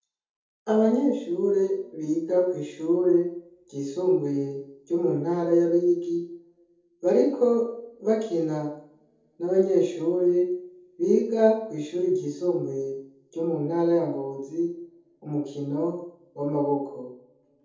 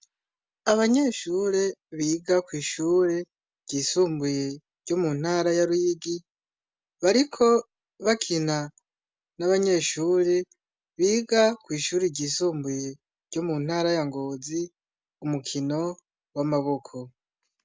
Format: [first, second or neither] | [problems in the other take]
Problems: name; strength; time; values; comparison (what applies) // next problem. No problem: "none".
second | room echo; dies away in 0.7 s